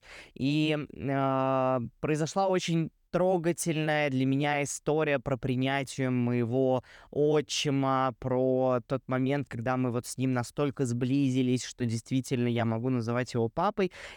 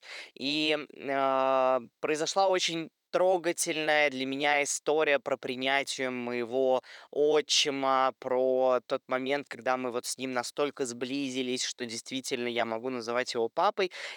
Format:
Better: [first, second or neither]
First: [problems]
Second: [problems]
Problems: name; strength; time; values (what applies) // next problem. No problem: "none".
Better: first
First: none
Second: thin; somewhat; fading below 450 Hz